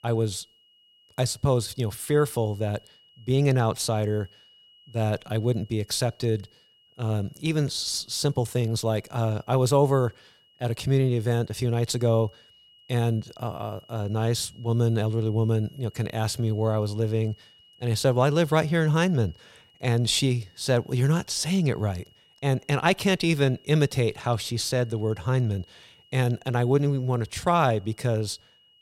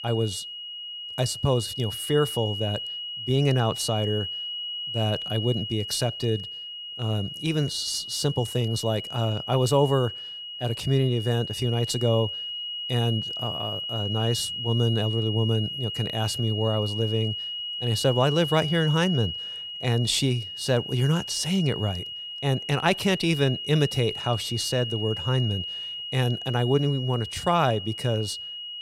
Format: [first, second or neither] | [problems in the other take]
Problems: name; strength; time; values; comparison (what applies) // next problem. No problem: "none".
first | high-pitched whine; loud; throughout; 3 kHz, 6 dB below the speech; faint in the first